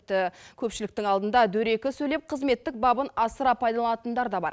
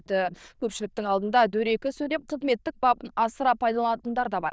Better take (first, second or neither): first